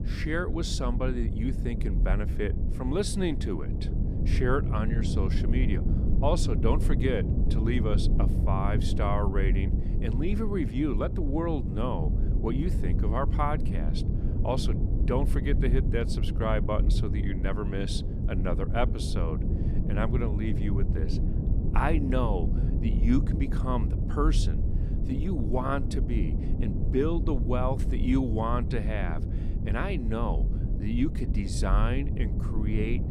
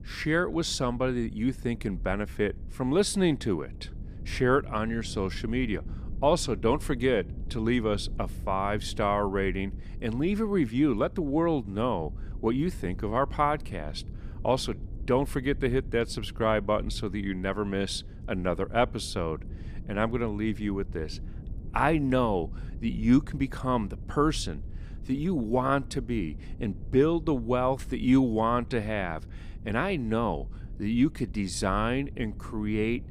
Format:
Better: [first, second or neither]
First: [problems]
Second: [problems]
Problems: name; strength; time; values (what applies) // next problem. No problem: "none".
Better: second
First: low rumble; loud; throughout; 8 dB below the speech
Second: low rumble; faint; throughout; 25 dB below the speech